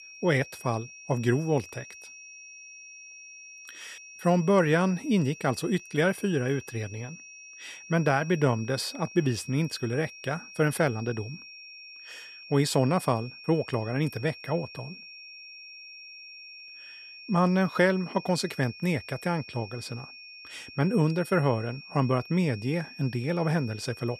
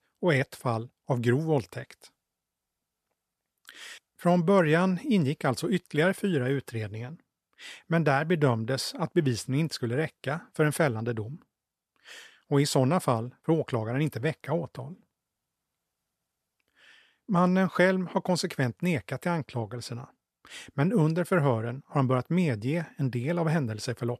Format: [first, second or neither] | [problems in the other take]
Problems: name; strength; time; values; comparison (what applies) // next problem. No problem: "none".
second | high-pitched whine; noticeable; throughout; 2.5 kHz, 15 dB below the speech